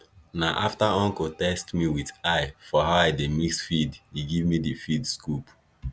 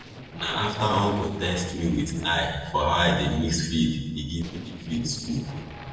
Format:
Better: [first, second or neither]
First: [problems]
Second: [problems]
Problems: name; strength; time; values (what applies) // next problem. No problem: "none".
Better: first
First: none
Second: noise reduction (neural separator model SepFormer DNS4)